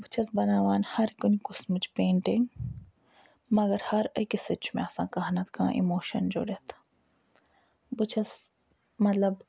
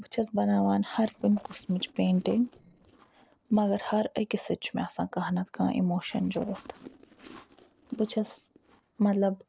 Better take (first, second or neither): first